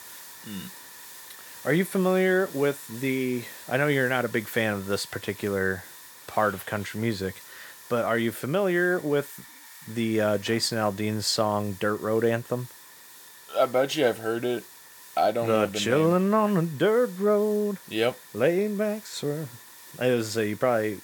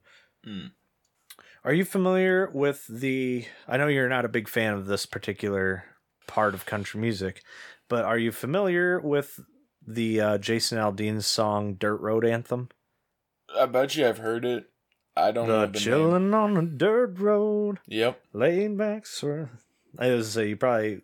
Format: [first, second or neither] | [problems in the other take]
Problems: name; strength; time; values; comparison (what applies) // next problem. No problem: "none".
second | hiss; noticeable; throughout; 20 dB below the speech